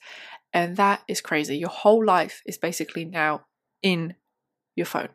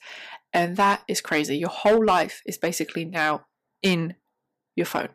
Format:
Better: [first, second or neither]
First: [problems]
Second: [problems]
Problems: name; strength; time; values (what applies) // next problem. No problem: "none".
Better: first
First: none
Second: distortion; slight; 2% of the sound clipped